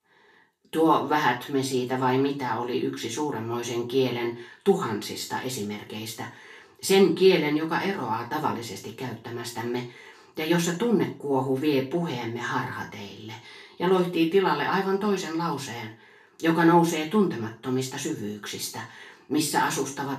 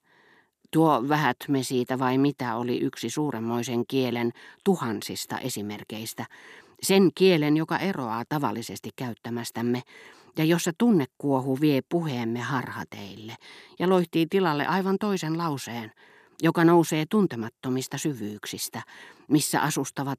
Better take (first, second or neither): second